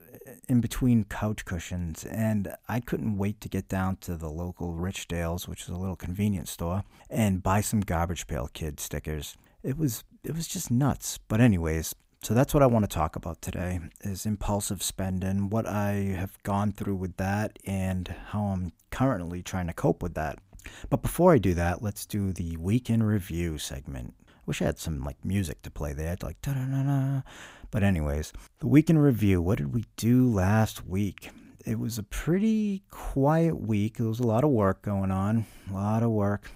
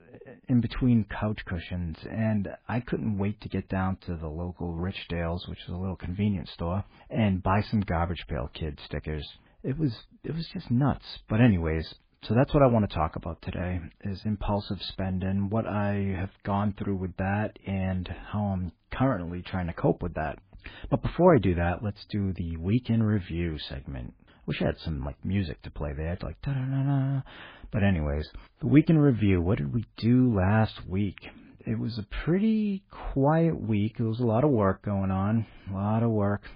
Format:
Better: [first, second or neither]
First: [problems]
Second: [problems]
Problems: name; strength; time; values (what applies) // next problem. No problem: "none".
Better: first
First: none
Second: garbled, watery; badly; nothing above 4.5 kHz